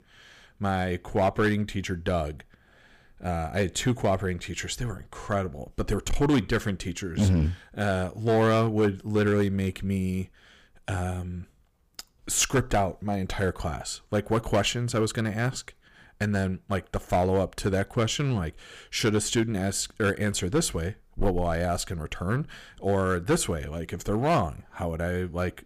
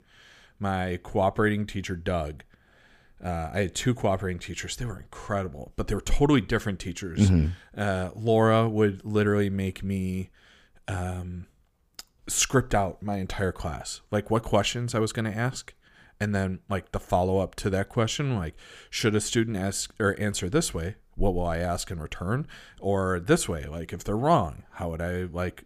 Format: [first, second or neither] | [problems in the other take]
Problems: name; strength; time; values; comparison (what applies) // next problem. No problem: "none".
second | distortion; slight; 4% of the sound clipped